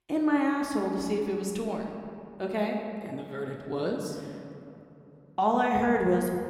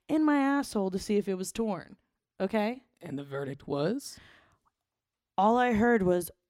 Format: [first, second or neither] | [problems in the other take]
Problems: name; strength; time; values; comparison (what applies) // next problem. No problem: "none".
second | room echo; noticeable; dies away in 2 s